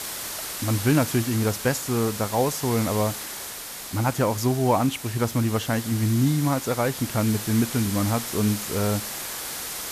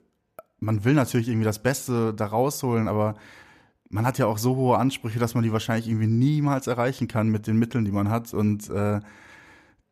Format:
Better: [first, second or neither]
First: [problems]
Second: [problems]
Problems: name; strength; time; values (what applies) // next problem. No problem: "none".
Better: second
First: hiss; loud; throughout; 7 dB below the speech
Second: none